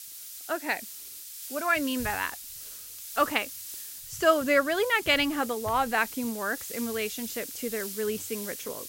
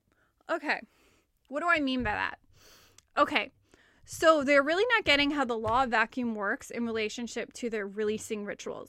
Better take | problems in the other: second | hiss; loud; throughout; 10 dB below the speech

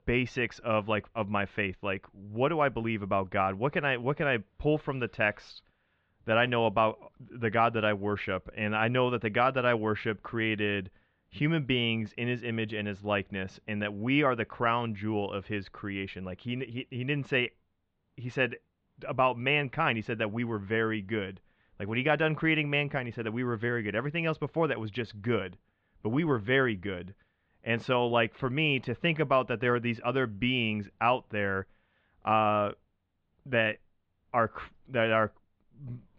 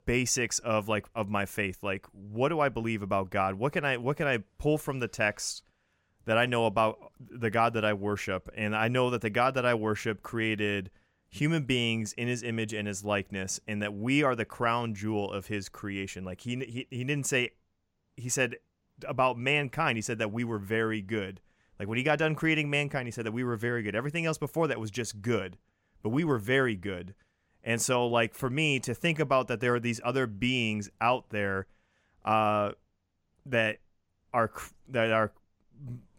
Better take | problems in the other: second | muffled; very; fading above 4 kHz

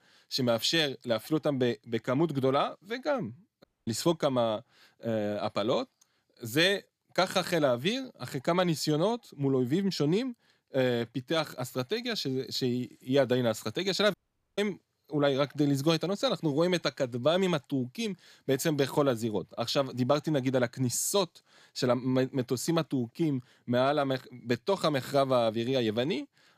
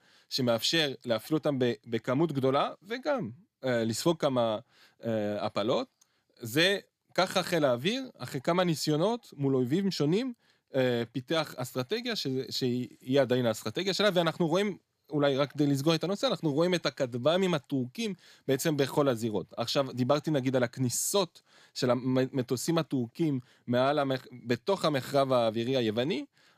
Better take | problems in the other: second | audio cutting out; at 3.5 s and at 14 s

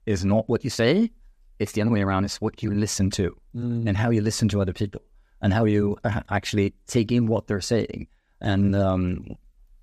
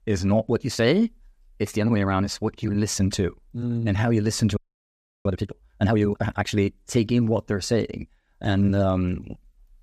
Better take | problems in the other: first | audio freezing; at 4.5 s for 0.5 s

